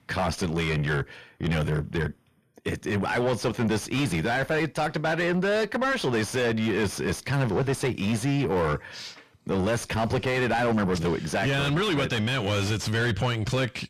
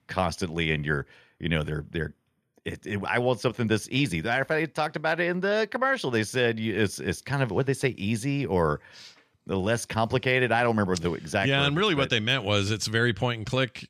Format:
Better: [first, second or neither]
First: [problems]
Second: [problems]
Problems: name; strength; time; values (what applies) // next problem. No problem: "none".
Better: second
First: distortion; heavy; 6 dB below the speech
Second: none